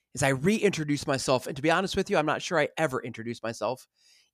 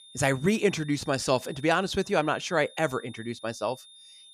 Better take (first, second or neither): first